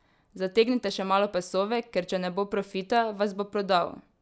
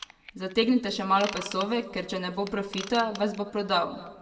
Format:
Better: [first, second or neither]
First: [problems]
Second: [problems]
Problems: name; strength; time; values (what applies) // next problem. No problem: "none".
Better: first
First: none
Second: background sound (Ratchet, pawl / Tools); 16 dB below the speech // room echo; dies away in 1.4 s